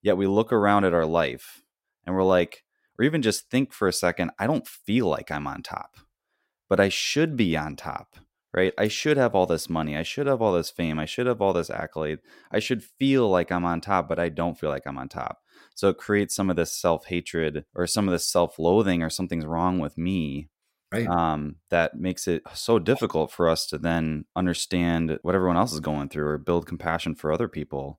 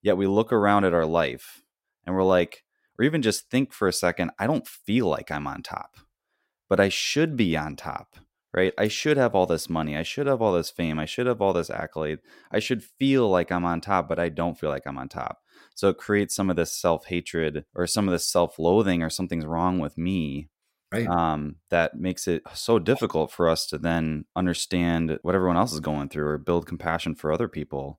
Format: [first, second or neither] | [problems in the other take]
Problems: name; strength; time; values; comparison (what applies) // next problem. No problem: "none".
neither | none